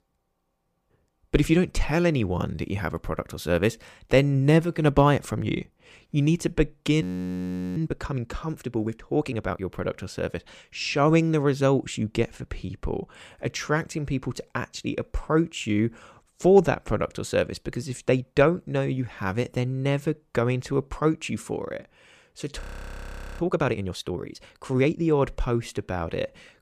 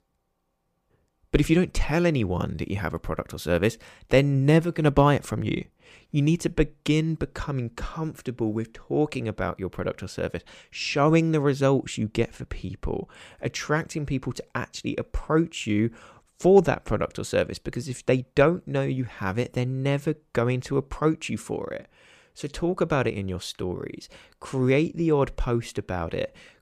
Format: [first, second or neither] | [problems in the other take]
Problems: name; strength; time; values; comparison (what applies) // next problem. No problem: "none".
second | audio freezing; at 7 s for 0.5 s and at 23 s for 1 s